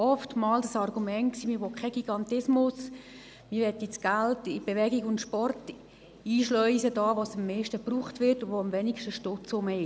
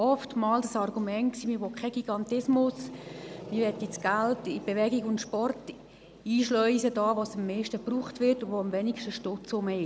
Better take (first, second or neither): first